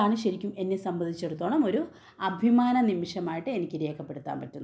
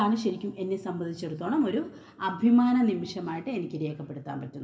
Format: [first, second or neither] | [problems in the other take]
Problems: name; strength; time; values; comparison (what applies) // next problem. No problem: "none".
first | room echo; dies away in 1.3 s